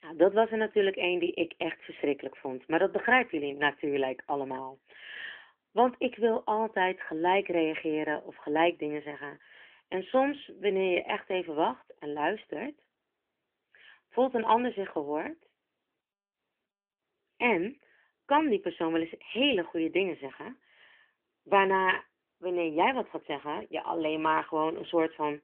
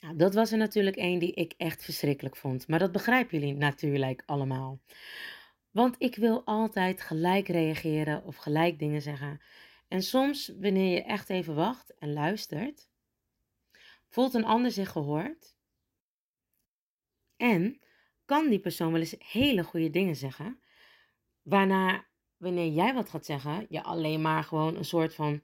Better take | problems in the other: second | phone-call audio; nothing above 3 kHz

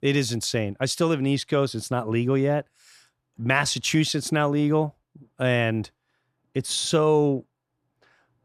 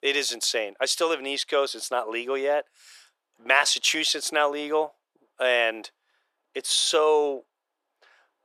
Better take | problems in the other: first | thin; very; fading below 450 Hz

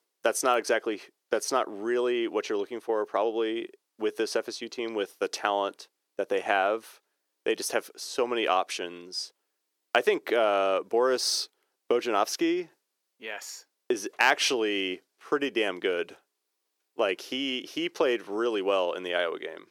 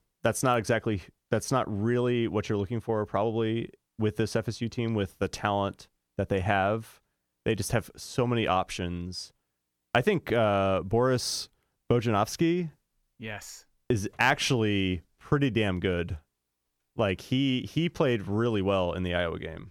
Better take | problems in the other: second | thin; somewhat; fading below 350 Hz

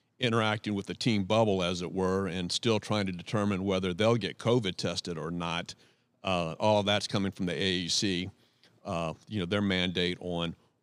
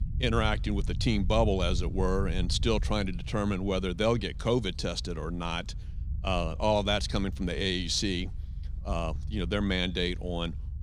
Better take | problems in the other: first | low rumble; faint; throughout; 20 dB below the speech

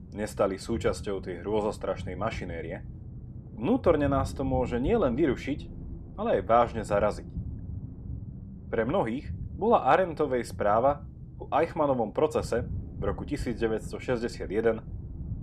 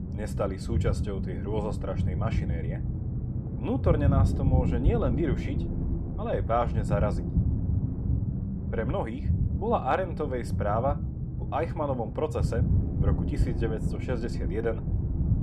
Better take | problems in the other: first | low rumble; loud; throughout; 9 dB below the speech; faint in the first

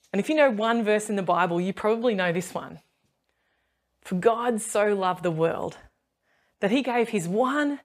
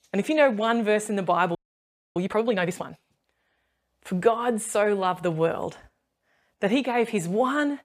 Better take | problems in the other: first | audio freezing; at 1.5 s for 0.5 s

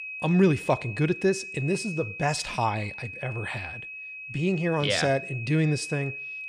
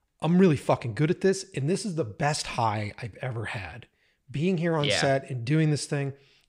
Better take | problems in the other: second | high-pitched whine; loud; throughout; 2.5 kHz, 9 dB below the speech

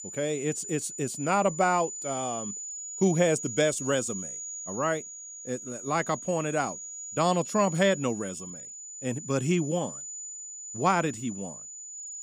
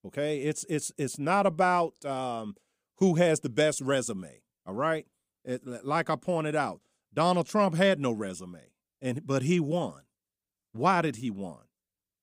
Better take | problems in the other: second | high-pitched whine; loud; throughout; 7 kHz, 9 dB below the speech

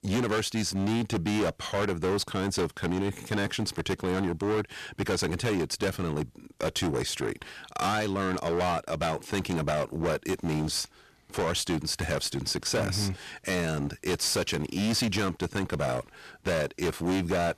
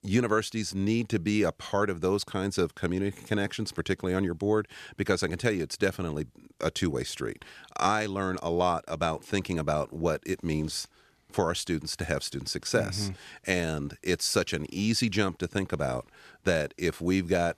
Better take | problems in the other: second | distortion; heavy; 19% of the sound clipped

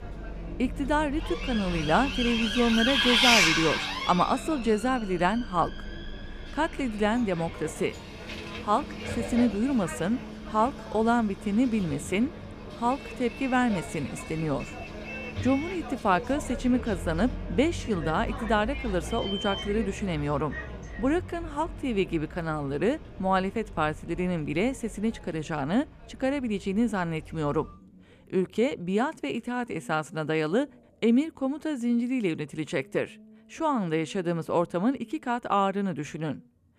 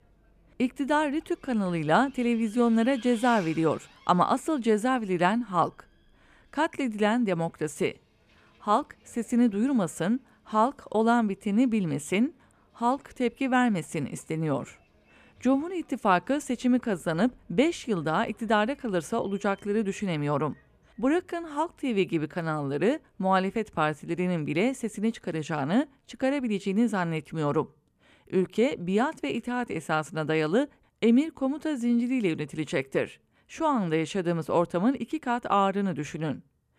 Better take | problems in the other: second | traffic noise; loud; throughout; 4 dB below the speech; faint in the second

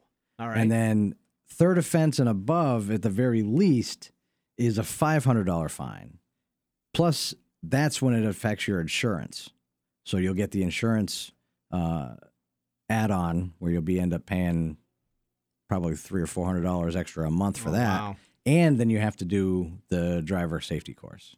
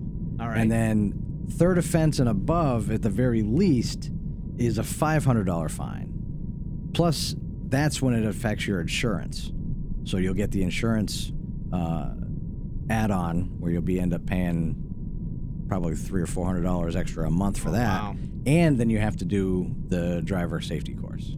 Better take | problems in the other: first | low rumble; noticeable; throughout; 15 dB below the speech

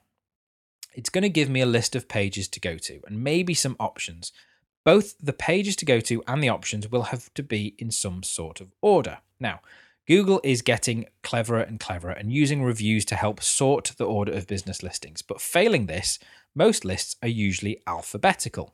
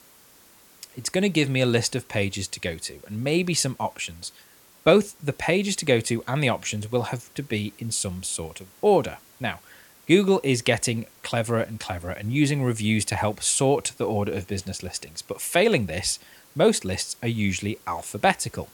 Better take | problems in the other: first | hiss; faint; throughout; 25 dB below the speech

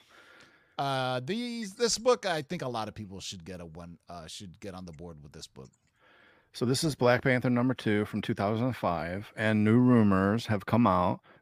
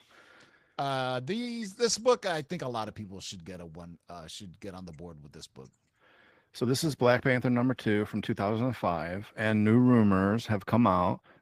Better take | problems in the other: first | garbled, watery; slightly

